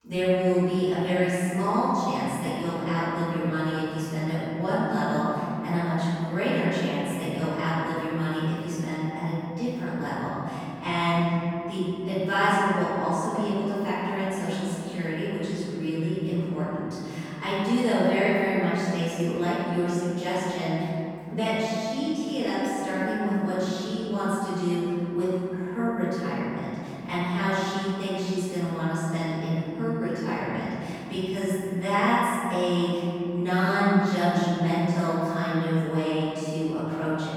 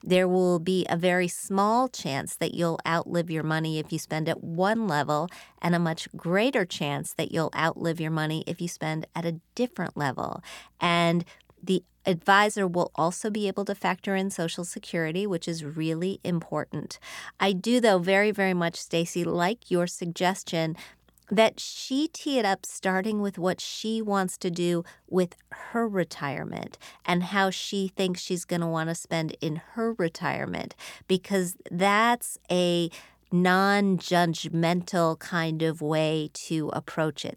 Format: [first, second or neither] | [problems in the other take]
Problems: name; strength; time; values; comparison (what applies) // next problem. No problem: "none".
second | off-mic speech; far // room echo; strong; dies away in 3 s